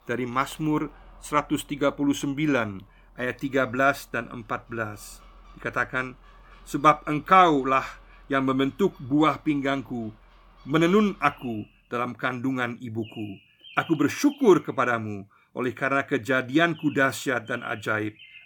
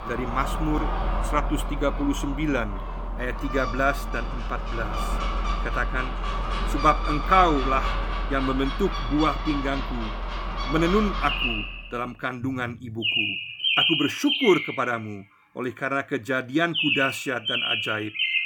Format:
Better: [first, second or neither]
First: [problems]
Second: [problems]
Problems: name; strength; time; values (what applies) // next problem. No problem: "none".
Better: first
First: animal sounds; faint; throughout; 25 dB below the speech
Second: animal sounds; loud; throughout; 1 dB below the speech